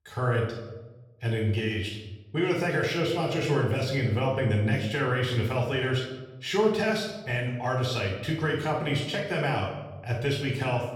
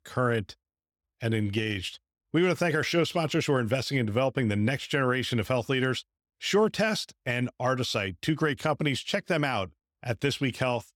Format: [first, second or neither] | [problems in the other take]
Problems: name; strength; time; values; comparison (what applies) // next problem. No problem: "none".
second | off-mic speech; somewhat distant // room echo; noticeable; dies away in 0.9 s